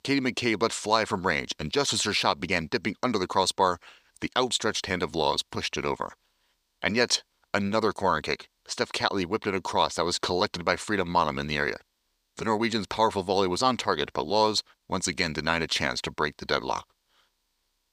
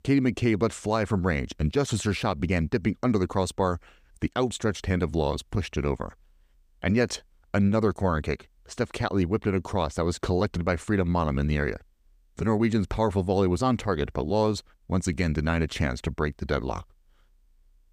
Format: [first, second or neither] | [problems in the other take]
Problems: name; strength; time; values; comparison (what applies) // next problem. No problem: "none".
second | thin; somewhat; fading below 600 Hz